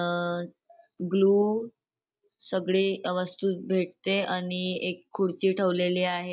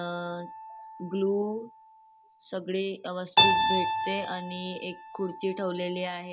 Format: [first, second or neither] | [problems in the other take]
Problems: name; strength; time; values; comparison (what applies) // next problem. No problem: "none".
first | background sound (Keyboard (musical)); 2 dB above the speech